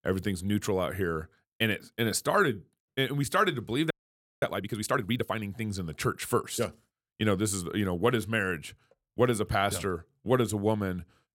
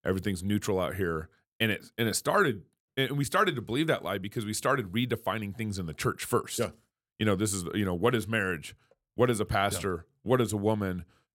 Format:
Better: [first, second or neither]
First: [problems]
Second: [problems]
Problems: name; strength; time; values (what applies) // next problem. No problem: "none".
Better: second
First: audio freezing; at 4 s for 0.5 s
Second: none